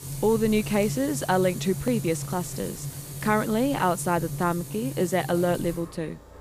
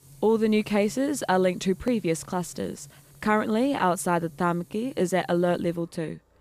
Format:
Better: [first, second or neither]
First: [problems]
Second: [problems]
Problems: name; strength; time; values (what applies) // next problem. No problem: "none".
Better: second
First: household noises; loud; throughout; 9 dB below the speech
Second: household noises; faint; throughout; 25 dB below the speech